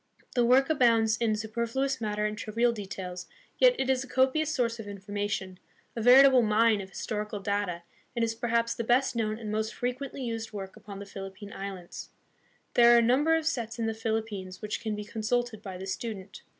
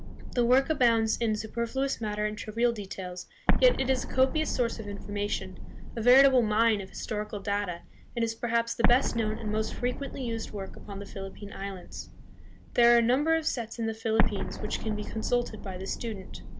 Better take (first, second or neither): first